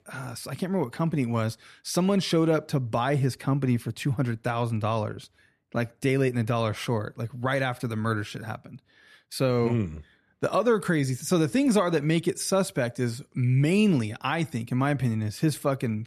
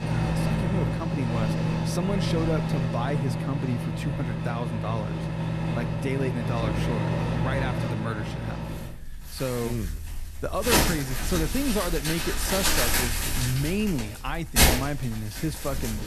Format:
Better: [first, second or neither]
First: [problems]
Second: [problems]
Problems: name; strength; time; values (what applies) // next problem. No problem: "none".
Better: first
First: none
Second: household noises; very loud; throughout; 4 dB above the speech